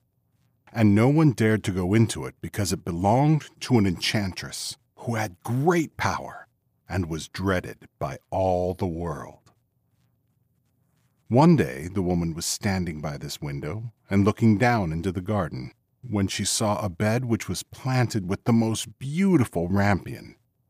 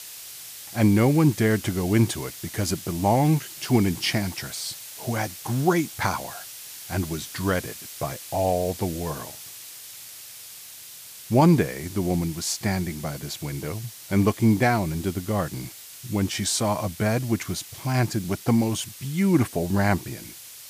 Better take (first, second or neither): first